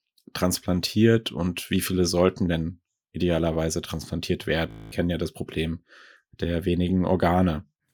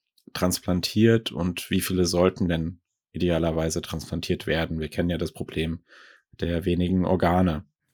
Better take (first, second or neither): second